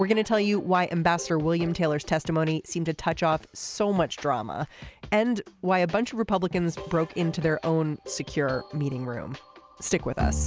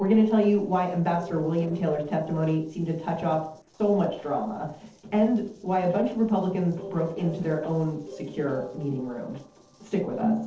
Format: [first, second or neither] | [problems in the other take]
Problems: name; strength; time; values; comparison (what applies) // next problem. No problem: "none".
first | noise reduction (neural separator model SepFormer DNS4)